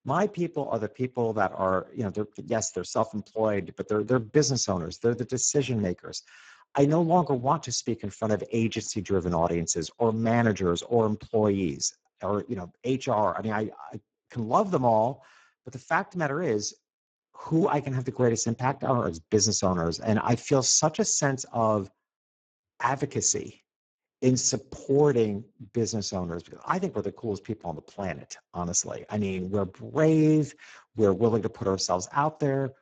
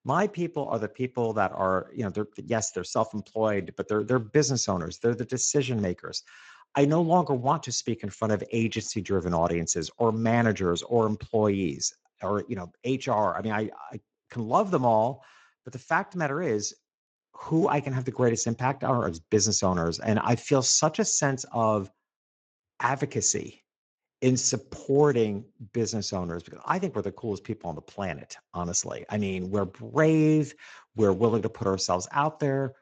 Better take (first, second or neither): second